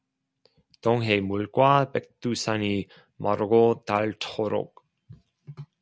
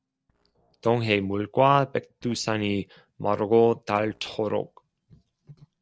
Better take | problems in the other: first | noise reduction (neural separator model SepFormer DNS4)

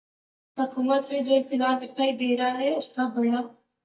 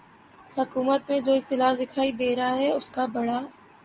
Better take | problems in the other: second | noise reduction (neural mask model DeepFilterNet 3)

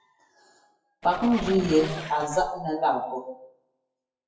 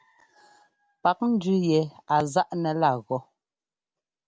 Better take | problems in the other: second | noise reduction (classical method WPE with log-MMSE)

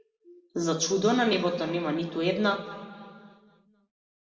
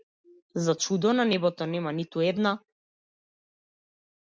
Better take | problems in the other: second | room echo; dies away in 1.8 s

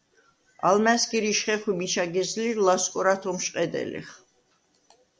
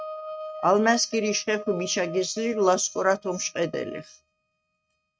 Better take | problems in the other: first | noise reduction (neural mask model RNNoise)

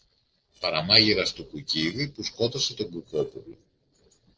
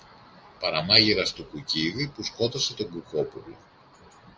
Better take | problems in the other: second | noise reduction (neural separator model SepFormer DNS4)

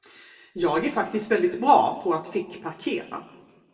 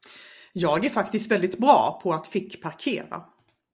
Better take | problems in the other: second | room echo; dies away in 1.4 s

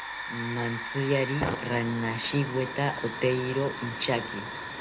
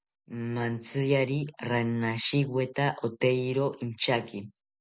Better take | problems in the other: second | background sound (Hiss / Fire); 6 dB below the speech

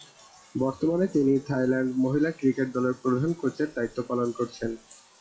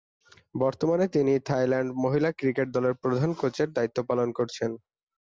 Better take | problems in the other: second | noise reduction (classical method WPE with log-MMSE)

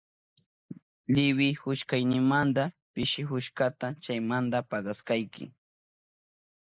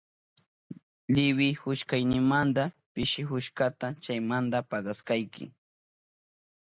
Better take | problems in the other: second | noise reduction (neural mask model Resemble Enhance denoiser)

